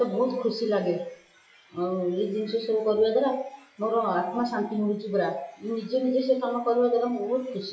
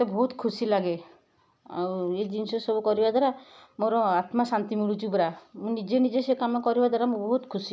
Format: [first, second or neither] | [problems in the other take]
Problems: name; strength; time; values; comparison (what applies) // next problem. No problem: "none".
second | noise reduction (classical method WPE with log-MMSE)